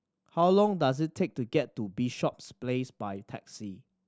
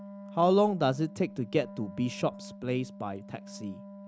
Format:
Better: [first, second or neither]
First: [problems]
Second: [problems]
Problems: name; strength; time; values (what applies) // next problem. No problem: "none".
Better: first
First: none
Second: background sound (Wind instrument, woodwind instrument); 15 dB below the speech